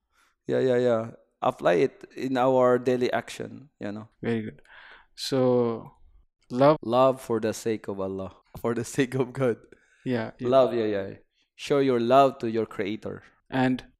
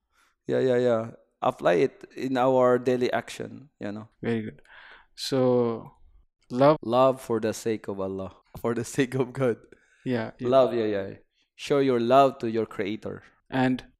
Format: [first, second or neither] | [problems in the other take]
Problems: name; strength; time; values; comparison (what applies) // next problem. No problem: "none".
neither | none